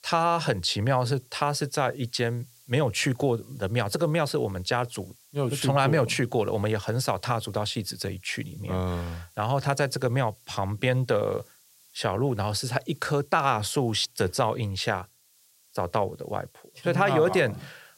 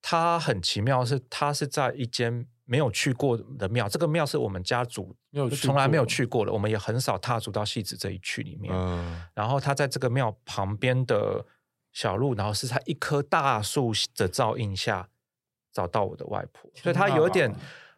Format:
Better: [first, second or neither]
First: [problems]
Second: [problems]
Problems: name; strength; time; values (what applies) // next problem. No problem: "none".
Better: second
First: hiss; faint; throughout; 30 dB below the speech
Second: none